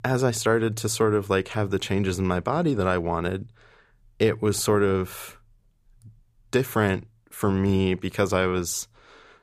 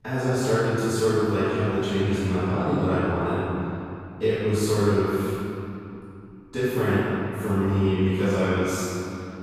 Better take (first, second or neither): first